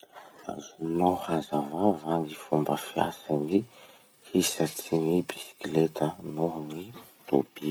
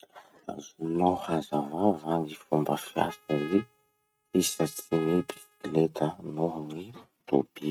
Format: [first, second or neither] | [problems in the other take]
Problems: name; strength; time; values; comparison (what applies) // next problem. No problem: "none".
first | noise reduction (neural mask model RNNoise)